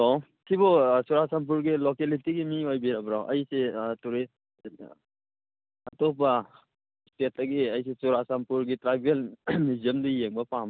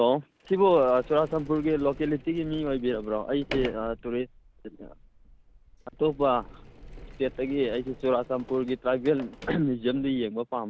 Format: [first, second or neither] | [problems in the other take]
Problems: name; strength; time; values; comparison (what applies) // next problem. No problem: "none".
first | background sound (Sliding door); 17 dB below the speech